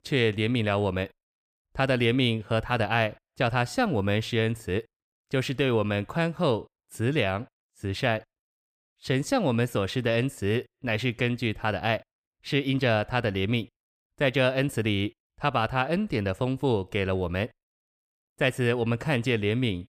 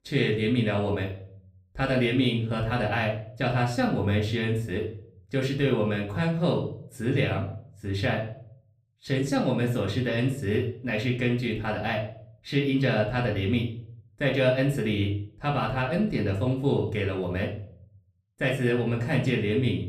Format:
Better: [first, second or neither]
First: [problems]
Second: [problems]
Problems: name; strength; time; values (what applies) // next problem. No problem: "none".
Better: first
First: none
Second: off-mic speech; far // room echo; slight; dies away in 0.5 s